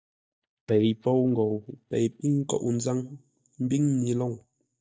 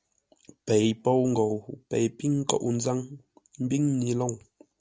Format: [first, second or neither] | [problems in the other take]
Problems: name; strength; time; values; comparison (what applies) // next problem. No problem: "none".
second | noise reduction (neural mask model DeepFilterNet 3)